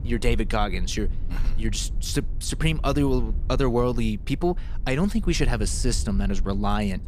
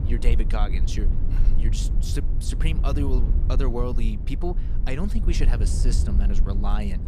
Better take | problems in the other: first | low rumble; loud; throughout; 8 dB below the speech; faint in the first

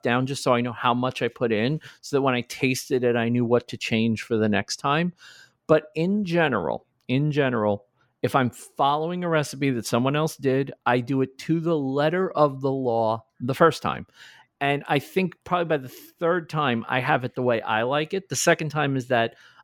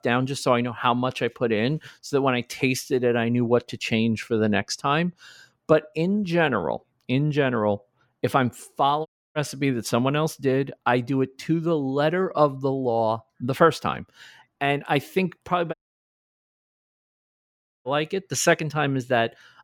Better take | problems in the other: first | audio cutting out; at 9 s and at 16 s for 2 s

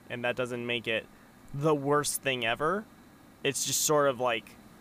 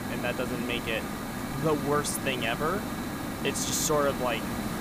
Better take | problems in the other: first | hiss; loud; throughout; 4 dB below the speech; faint in the first

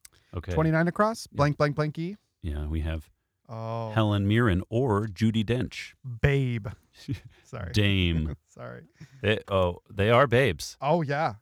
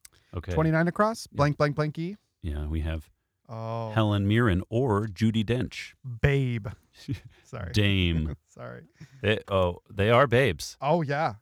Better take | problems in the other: neither | none

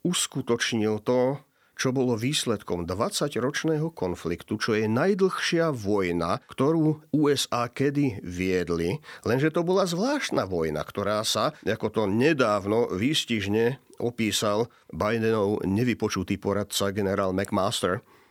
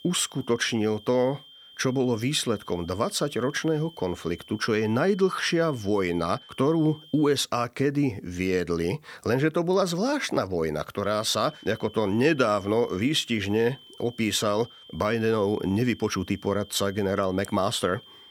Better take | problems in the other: first | high-pitched whine; faint; until 7.5 s and from 11 s on; 3 kHz, 20 dB below the speech

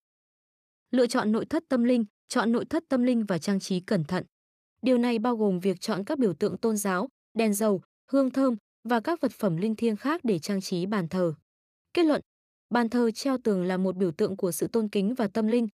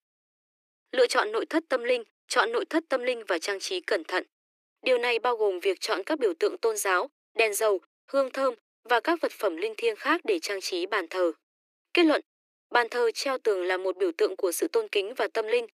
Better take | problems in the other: first | thin; very; fading below 300 Hz

